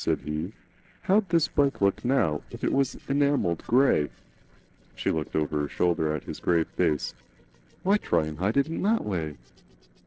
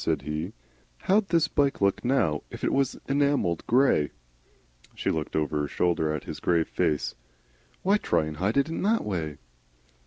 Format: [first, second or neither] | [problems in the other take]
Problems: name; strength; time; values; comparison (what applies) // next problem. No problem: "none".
second | noise reduction (neural separator model SepFormer DNS4)